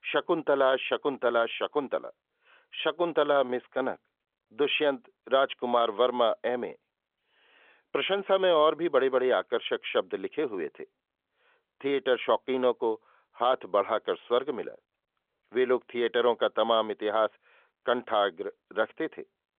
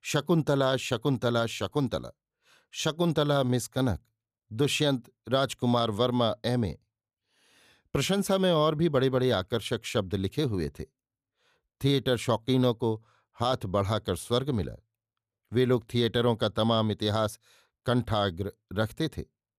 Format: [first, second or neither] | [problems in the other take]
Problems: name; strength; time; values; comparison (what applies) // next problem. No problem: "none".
second | phone-call audio; nothing above 3.5 kHz